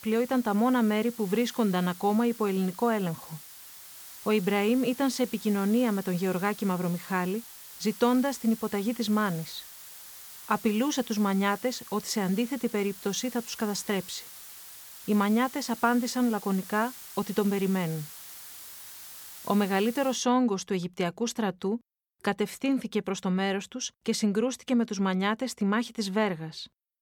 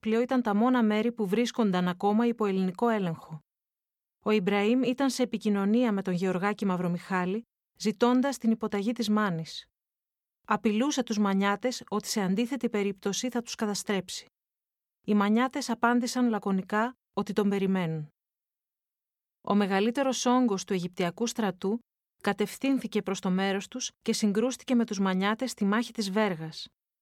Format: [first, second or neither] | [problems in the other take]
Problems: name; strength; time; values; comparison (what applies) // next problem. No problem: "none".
second | hiss; noticeable; until 20 s; 15 dB below the speech